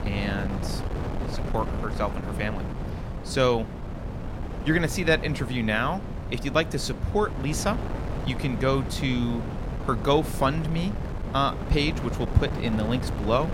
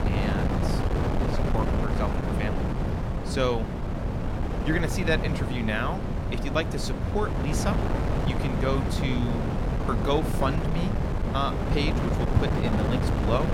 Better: first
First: wind noise on the microphone; occasional gusts; 10 dB below the speech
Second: wind noise on the microphone; heavy; 2 dB below the speech

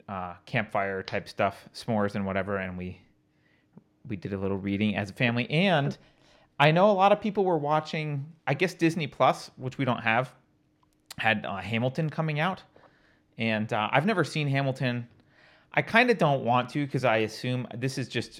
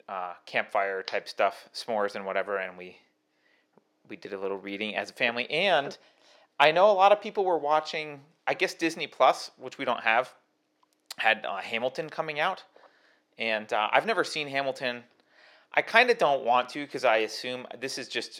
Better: first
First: none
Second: thin; somewhat; fading below 500 Hz

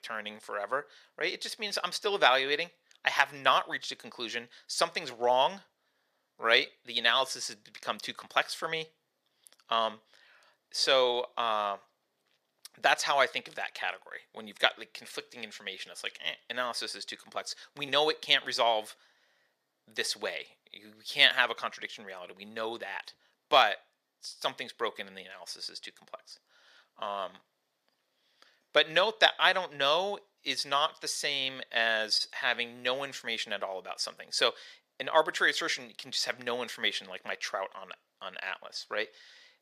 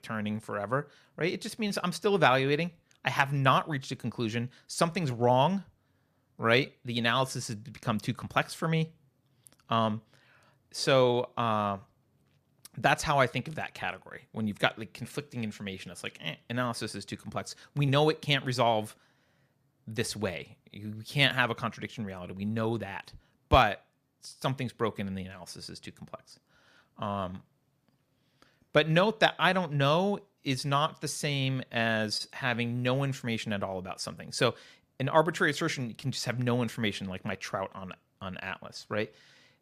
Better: second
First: thin; very; fading below 550 Hz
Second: none

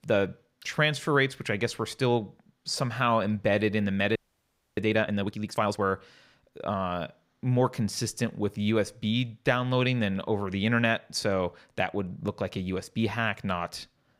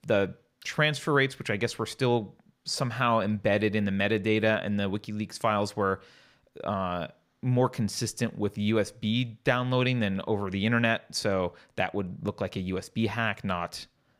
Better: second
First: audio freezing; at 4 s for 0.5 s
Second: none

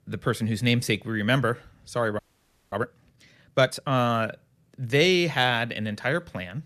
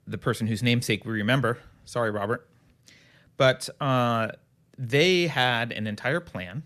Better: second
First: audio freezing; at 2 s for 0.5 s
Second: none

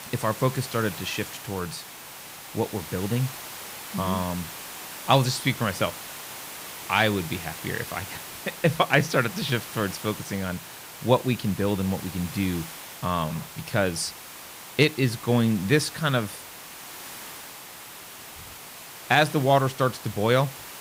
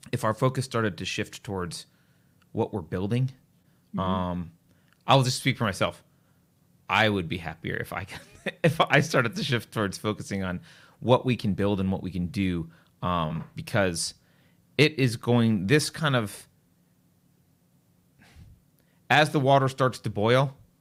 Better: second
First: hiss; noticeable; throughout; 10 dB below the speech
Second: none

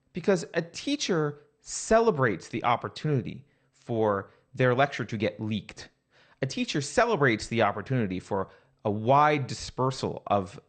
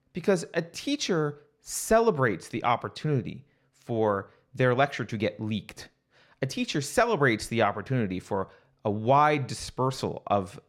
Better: second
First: garbled, watery; slightly; nothing above 8.5 kHz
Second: none

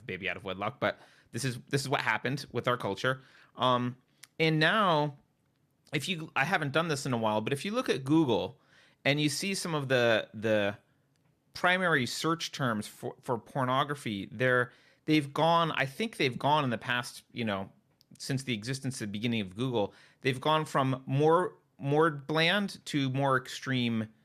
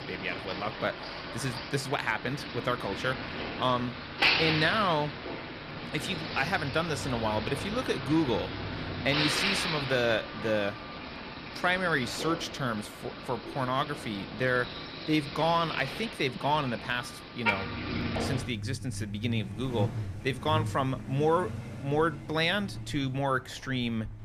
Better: first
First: none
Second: traffic noise; loud; throughout; 4 dB below the speech

